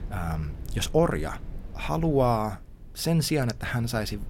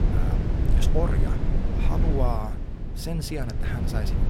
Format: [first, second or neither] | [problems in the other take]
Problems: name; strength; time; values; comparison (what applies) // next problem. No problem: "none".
first | low rumble; loud; throughout; 3 dB below the speech; faint in the first